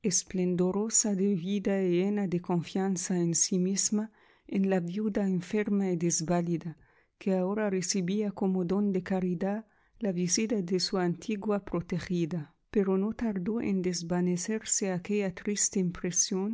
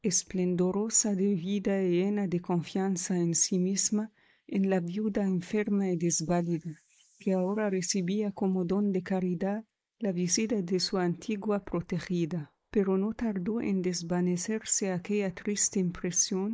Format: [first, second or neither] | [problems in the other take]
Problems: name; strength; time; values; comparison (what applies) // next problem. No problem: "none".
first | noise reduction (neural mask model Resemble Enhance denoiser)